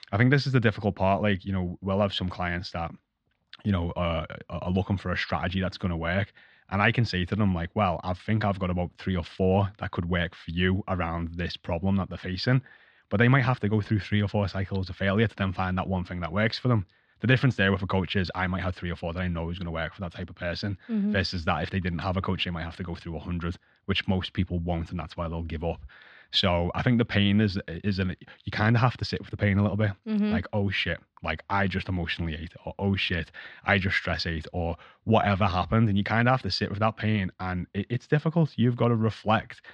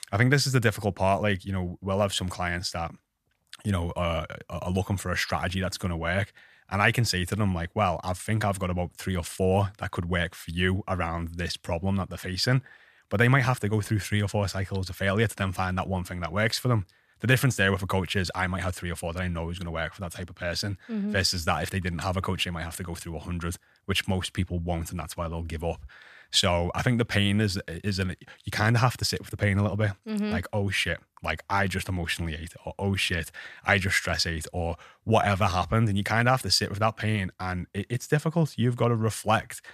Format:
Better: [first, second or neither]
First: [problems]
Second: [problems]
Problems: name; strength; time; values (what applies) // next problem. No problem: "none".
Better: second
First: muffled; very slightly; fading above 4 kHz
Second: none